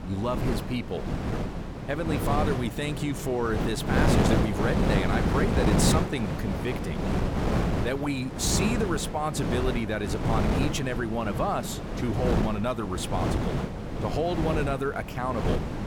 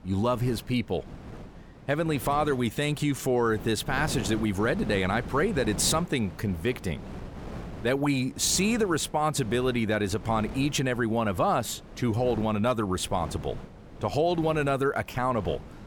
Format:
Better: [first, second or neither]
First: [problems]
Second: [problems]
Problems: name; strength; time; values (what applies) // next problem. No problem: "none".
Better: second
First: wind noise on the microphone; heavy; 2 dB below the speech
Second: wind noise on the microphone; occasional gusts; 20 dB below the speech